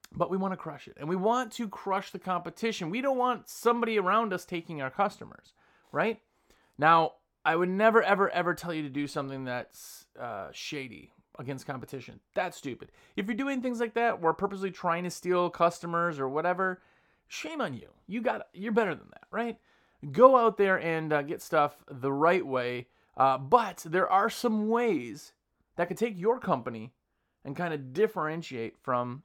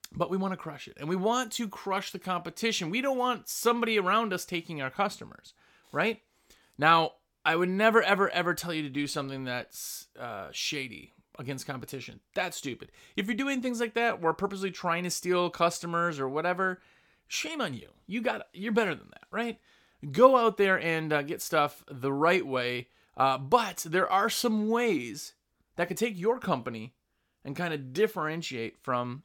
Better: second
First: muffled; slightly; fading above 2 kHz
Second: none

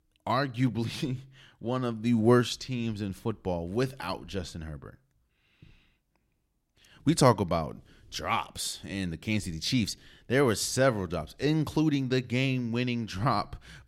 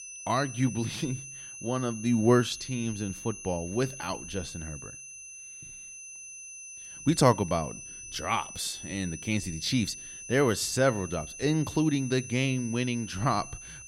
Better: first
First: none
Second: high-pitched whine; noticeable; throughout; 6 kHz, 10 dB below the speech

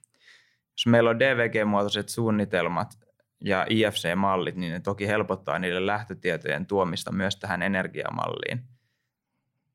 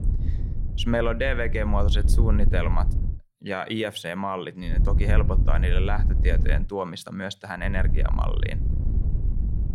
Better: first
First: none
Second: wind noise on the microphone; occasional gusts; until 3 s, from 4.5 to 6.5 s and from 7.5 s on; 10 dB below the speech

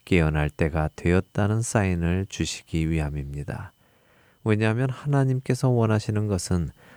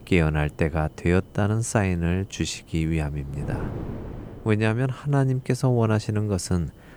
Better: first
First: none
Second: wind noise on the microphone; occasional gusts; 20 dB below the speech

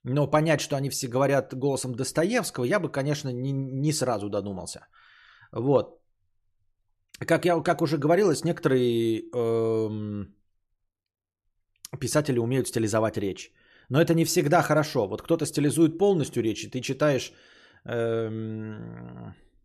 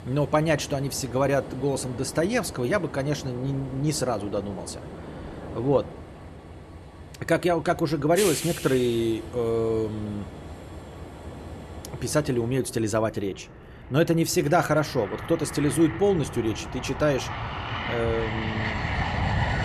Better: first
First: none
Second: train or aircraft noise; loud; throughout; 10 dB below the speech

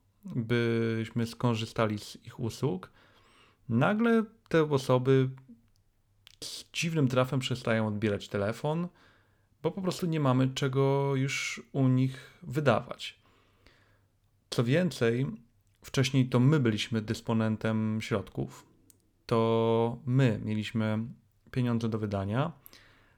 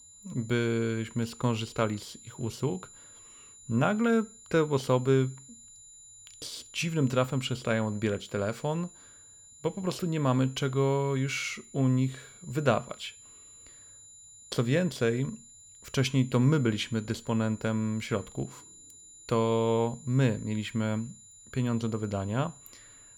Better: first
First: none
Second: high-pitched whine; noticeable; throughout; 7 kHz, 20 dB below the speech

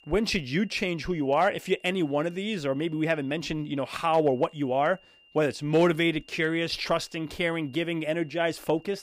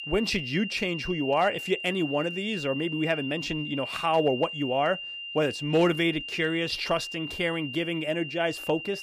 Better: first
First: high-pitched whine; faint; throughout; 3 kHz, 30 dB below the speech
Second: high-pitched whine; loud; throughout; 3 kHz, 7 dB below the speech

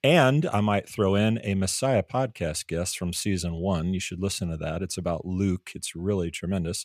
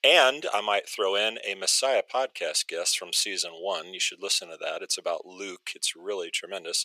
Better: first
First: none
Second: thin; very; fading below 450 Hz

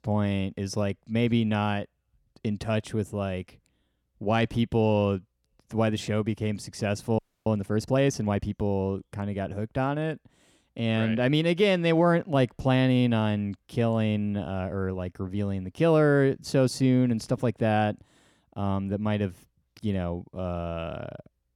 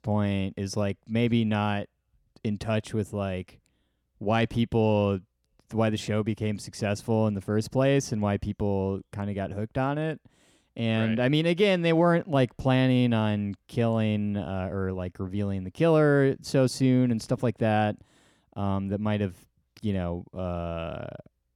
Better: second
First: audio freezing; at 7 s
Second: none

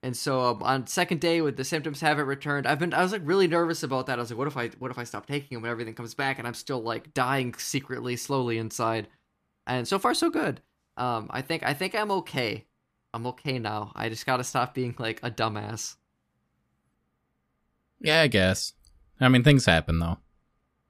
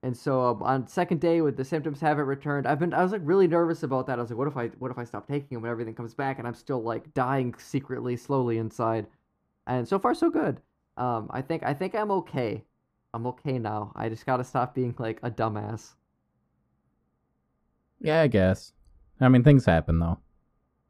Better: first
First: none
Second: muffled; very; fading above 2 kHz

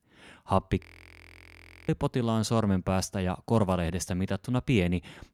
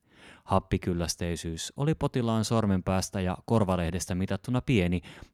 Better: second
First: audio freezing; at 1 s for 1 s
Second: none

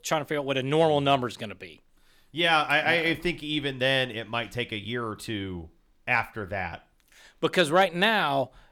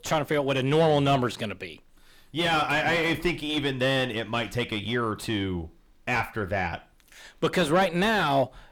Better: first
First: none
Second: distortion; heavy; 7 dB below the speech

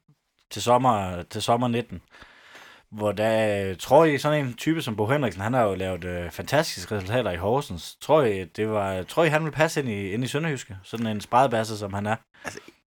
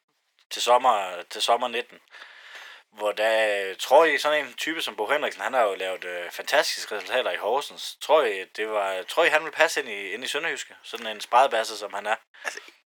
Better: first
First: none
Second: thin; very; fading below 450 Hz

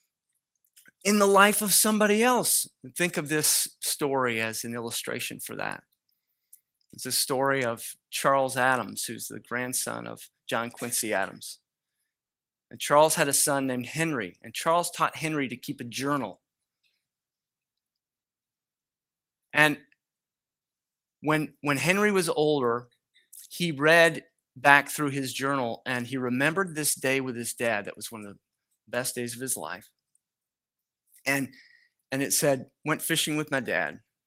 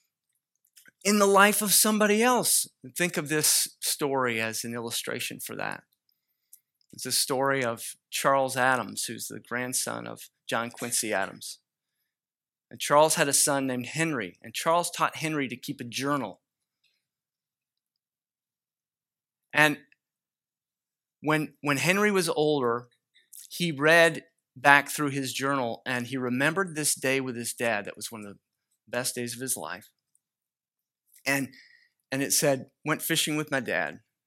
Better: second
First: garbled, watery; slightly; nothing above 16.5 kHz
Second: none

